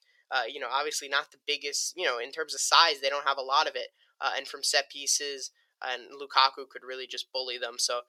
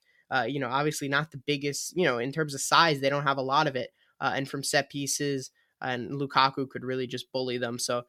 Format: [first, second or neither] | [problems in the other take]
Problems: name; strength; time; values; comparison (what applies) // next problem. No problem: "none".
second | thin; very; fading below 450 Hz